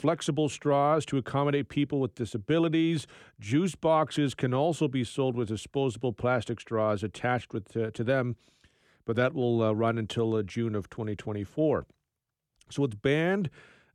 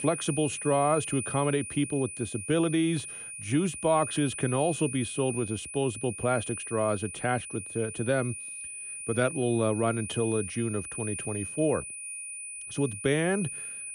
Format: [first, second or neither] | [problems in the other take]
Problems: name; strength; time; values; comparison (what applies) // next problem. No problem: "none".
first | high-pitched whine; loud; throughout; 9.5 kHz, 7 dB below the speech